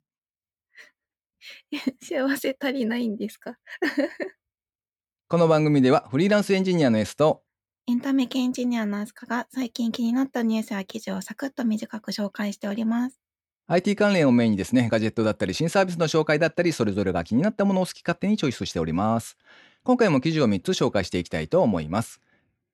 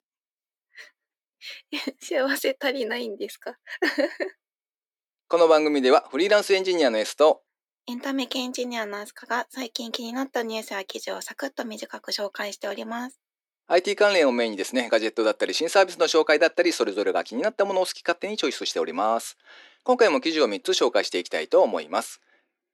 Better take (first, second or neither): first